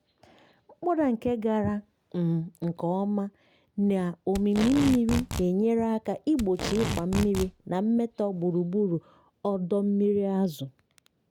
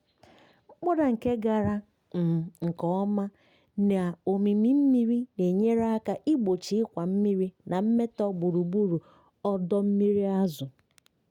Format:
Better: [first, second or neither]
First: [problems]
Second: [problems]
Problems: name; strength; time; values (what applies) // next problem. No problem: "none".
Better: second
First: background sound (Packing tape, duct tape); 6 dB below the speech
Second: none